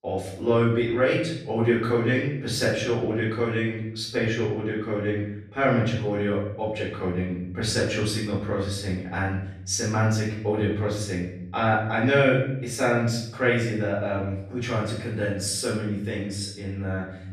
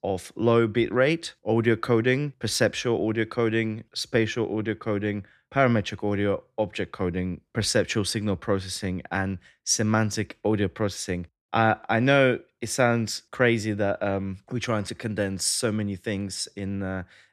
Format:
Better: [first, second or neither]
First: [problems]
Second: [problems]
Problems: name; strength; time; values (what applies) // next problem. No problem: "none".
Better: second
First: off-mic speech; far // room echo; noticeable; dies away in 0.7 s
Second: none